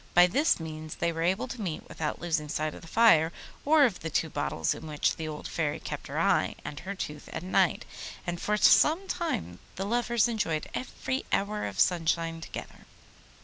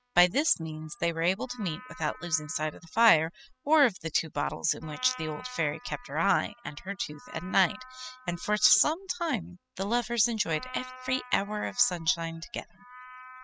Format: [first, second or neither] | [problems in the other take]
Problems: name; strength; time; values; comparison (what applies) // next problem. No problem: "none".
first | noise reduction (classical method spectral subtraction)